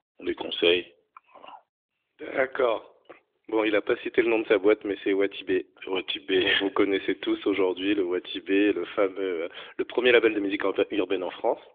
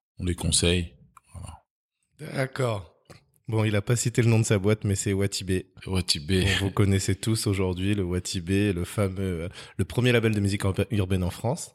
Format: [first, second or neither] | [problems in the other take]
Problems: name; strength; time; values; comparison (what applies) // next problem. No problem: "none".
second | phone-call audio; nothing above 3.5 kHz